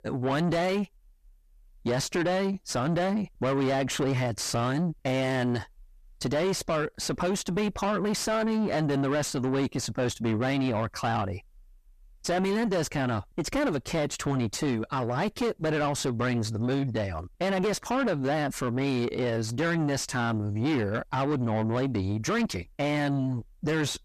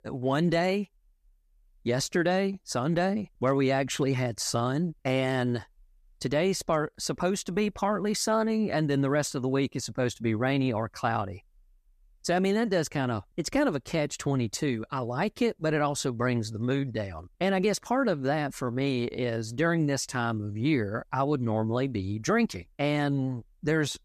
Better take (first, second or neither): second